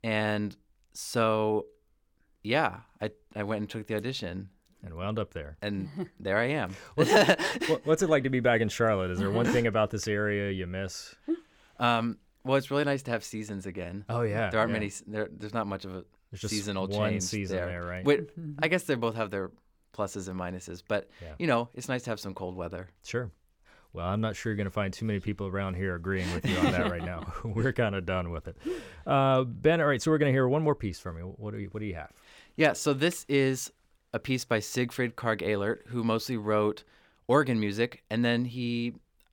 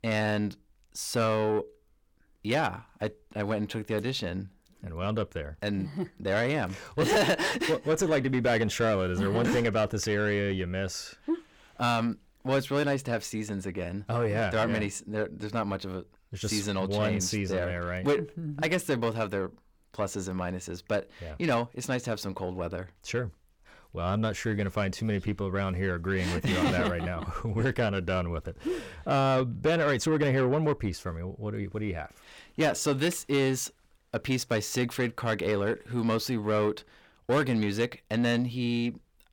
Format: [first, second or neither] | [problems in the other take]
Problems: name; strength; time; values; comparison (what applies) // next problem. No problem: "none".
first | distortion; slight; 10 dB below the speech